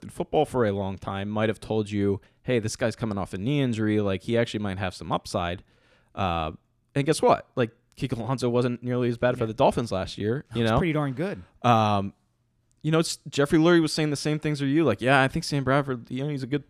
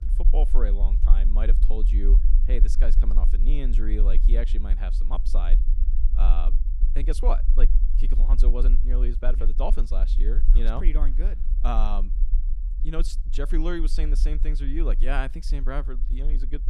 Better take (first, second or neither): first